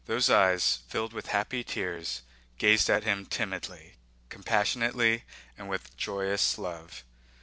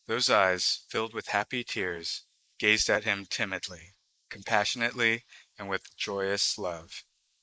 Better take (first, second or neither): first